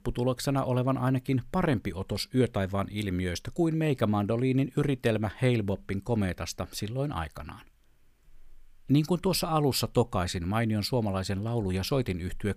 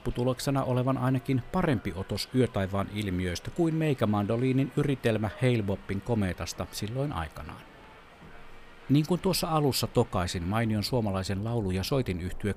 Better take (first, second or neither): first